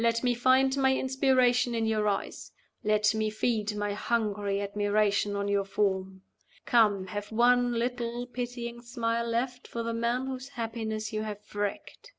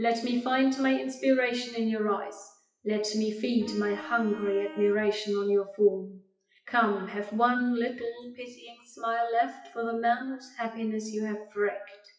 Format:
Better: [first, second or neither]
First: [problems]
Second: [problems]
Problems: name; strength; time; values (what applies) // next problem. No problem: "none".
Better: first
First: none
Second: noise reduction (classical method WPE with log-MMSE)